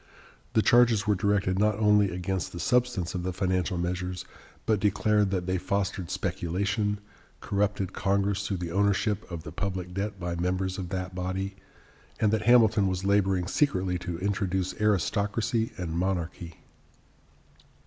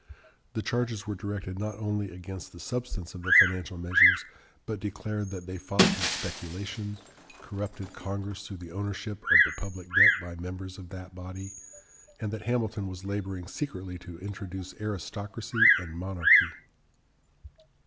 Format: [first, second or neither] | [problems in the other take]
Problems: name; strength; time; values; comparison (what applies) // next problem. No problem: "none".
first | background sound (Shatter + Bird vocalization, bird call, bird song); 3 dB above the speech